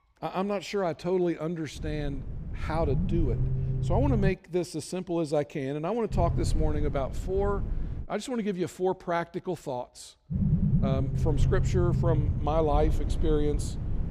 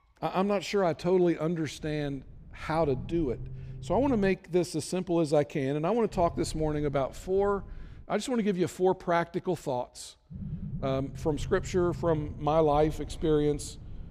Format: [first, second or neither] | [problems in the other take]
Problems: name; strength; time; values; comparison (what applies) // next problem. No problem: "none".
second | low rumble; loud; from 2 to 4.5 s, from 6 to 8 s and from 10 s on; 10 dB below the speech; faint in the second